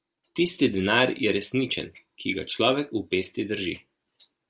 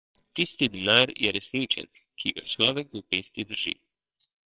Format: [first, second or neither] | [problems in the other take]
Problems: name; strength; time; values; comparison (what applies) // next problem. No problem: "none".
first | noise reduction (neural separator model SepFormer WHAMR!)